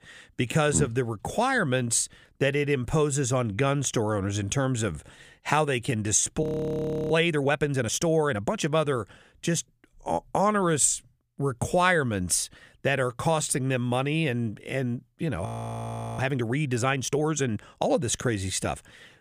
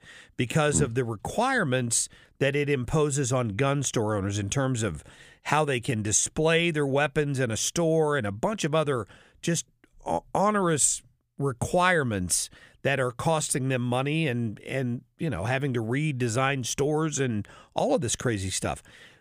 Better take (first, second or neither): second